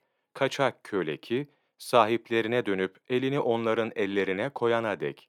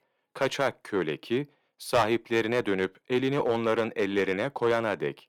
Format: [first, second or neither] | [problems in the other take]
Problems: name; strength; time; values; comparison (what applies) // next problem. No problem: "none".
first | distortion; slight; 3% of the sound clipped